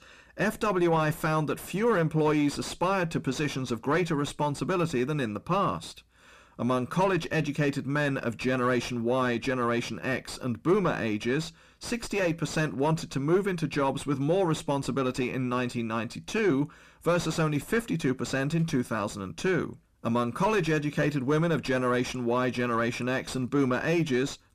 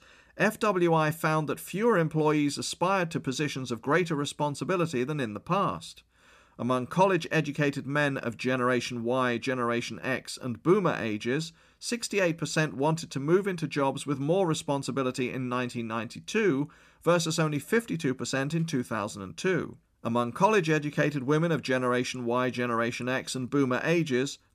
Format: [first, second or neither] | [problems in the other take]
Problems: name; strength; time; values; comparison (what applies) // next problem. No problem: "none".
second | distortion; slight; 10 dB below the speech